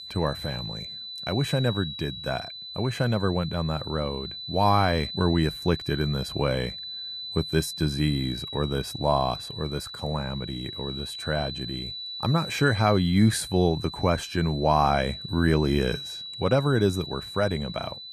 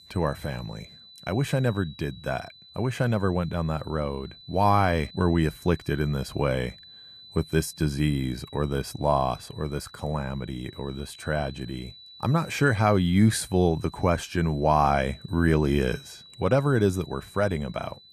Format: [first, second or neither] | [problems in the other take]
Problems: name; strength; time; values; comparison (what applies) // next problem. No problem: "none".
second | high-pitched whine; loud; throughout; 4 kHz, 9 dB below the speech; faint in the second